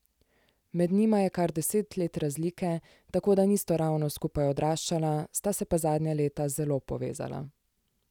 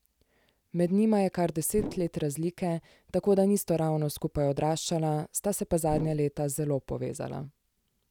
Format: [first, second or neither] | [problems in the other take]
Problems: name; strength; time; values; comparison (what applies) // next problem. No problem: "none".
first | background sound (Whoosh, swoosh, swish); 7 dB below the speech